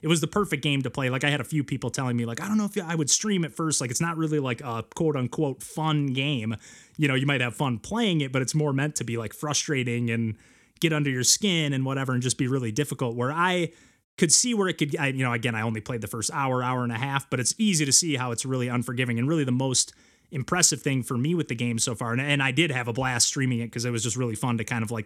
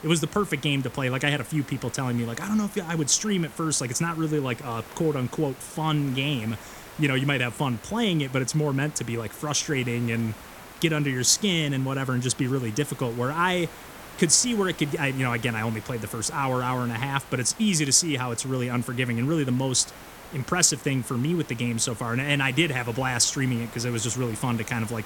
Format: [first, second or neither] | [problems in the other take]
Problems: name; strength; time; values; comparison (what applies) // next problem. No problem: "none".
first | hiss; noticeable; throughout; 20 dB below the speech